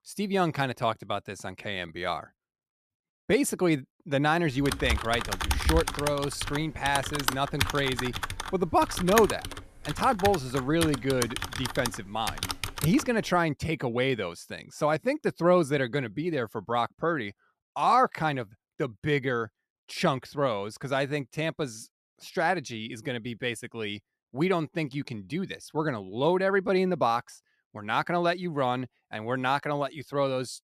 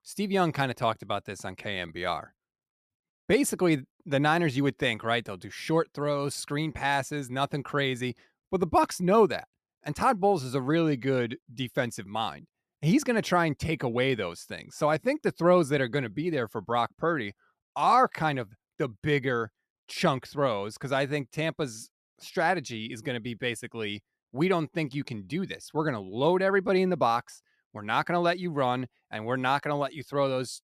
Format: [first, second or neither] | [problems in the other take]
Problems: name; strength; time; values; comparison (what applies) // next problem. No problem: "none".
second | keyboard typing; loud; from 4.5 to 13 s; peak 1 dB above the speech